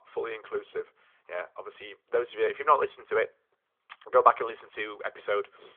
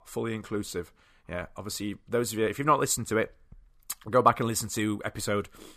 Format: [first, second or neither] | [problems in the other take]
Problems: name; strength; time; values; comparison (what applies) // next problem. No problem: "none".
second | phone-call audio; nothing above 3.5 kHz